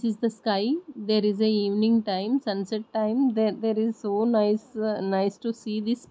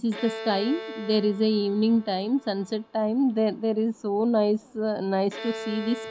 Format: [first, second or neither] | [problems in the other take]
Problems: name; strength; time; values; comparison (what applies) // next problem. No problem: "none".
first | background sound (Bowed string instrument); 15 dB below the speech